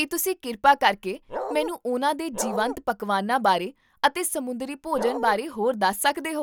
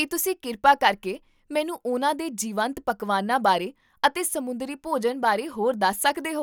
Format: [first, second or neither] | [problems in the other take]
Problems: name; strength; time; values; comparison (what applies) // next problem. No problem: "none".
second | background sound (Bark); 6 dB below the speech